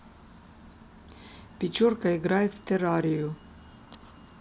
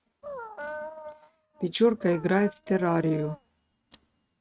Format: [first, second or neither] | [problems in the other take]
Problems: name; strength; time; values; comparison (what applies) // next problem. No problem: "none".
first | noise reduction (neural mask model RNNoise)